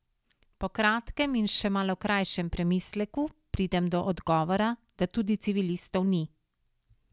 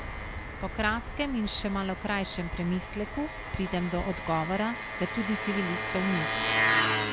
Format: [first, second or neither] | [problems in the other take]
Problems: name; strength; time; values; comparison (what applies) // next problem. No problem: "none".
first | background sound (Engine); 1 dB below the speech